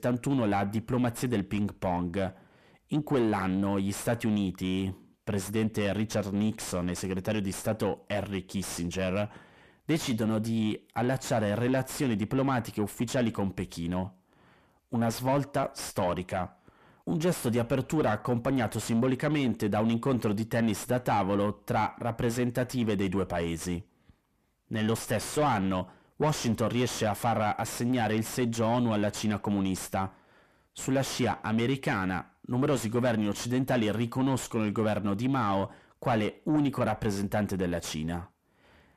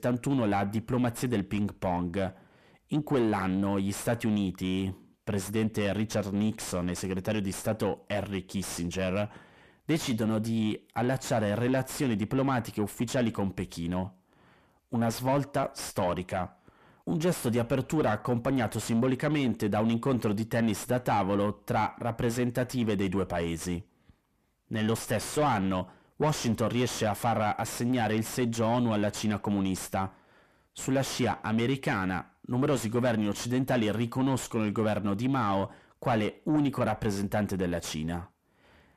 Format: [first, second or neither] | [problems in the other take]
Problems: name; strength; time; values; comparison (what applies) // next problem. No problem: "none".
neither | distortion; heavy; 7 dB below the speech; the same in both